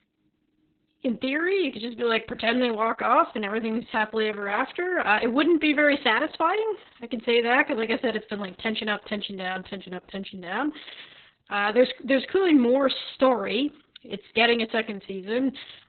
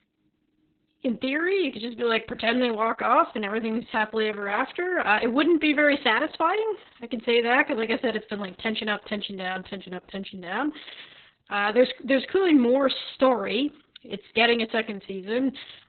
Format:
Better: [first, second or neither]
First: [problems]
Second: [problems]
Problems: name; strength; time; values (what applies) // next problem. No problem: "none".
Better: neither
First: garbled, watery; badly; nothing above 4 kHz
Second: garbled, watery; badly; nothing above 4 kHz